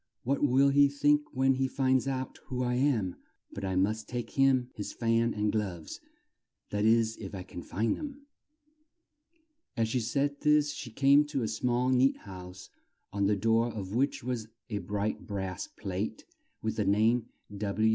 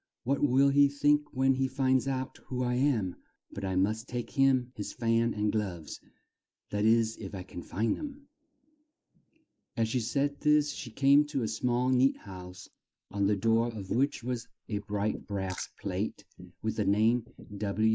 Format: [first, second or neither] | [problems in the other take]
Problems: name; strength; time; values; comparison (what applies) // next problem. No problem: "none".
first | noise reduction (neural mask model Resemble Enhance denoiser)